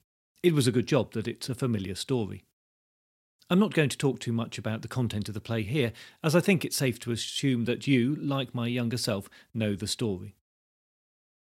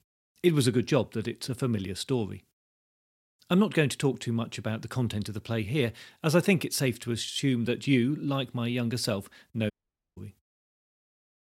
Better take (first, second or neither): first